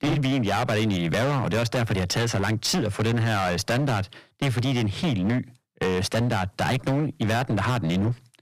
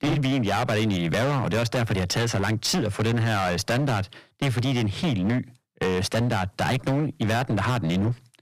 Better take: neither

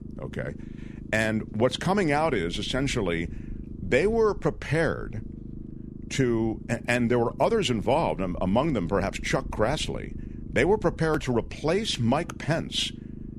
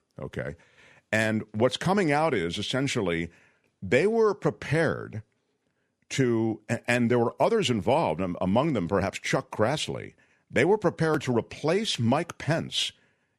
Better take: second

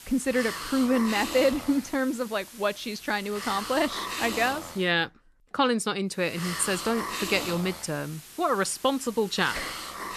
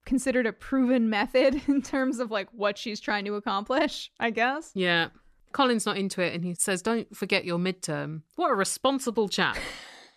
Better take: second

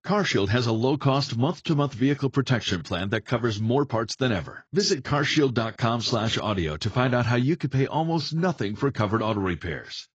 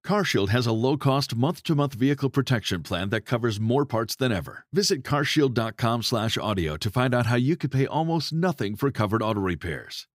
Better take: second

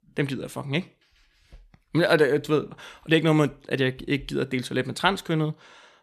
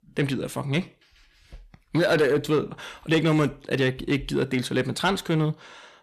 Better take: first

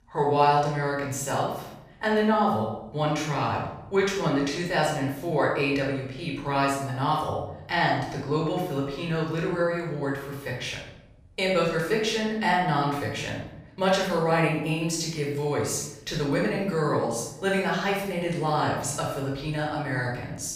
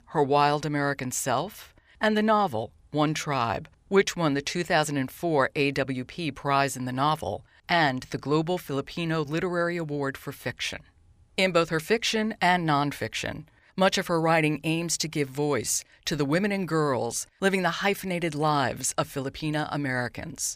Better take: second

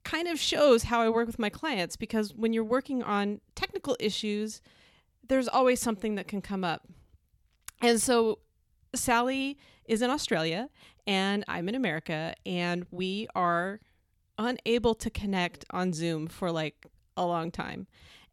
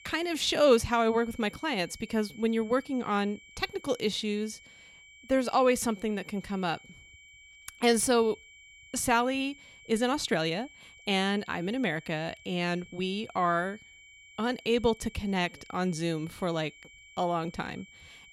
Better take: first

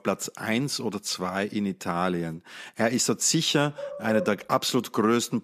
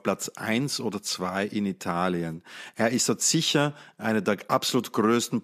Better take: second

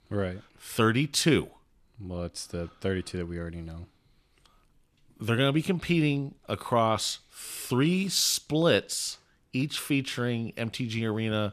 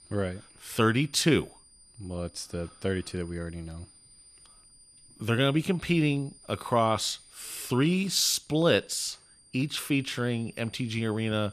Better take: first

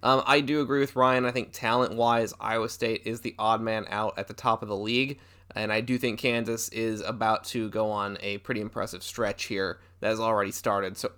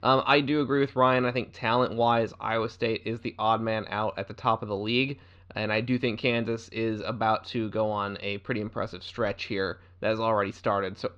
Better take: first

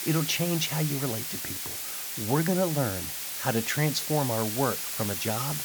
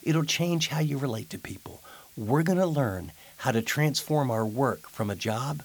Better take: second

